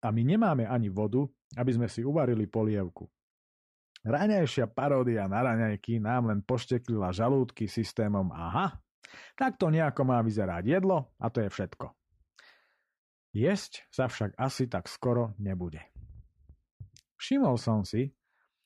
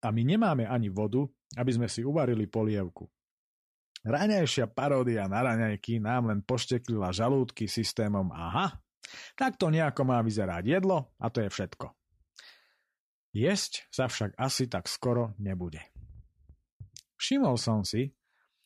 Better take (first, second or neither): second